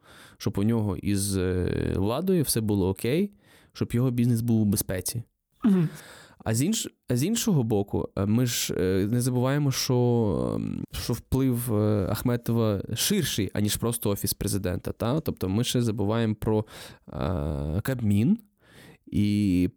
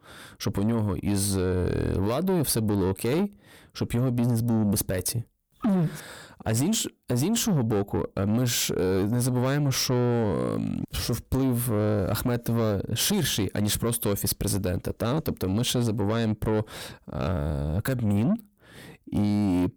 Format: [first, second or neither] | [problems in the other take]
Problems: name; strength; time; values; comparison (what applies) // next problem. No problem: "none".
first | distortion; slight; 10 dB below the speech